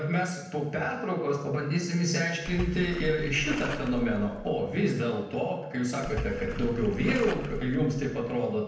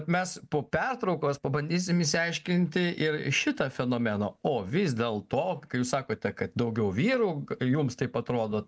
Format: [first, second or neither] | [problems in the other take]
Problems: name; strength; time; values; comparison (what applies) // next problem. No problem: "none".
second | background sound (Splash, splatter); 8 dB below the speech // room echo; dies away in 0.9 s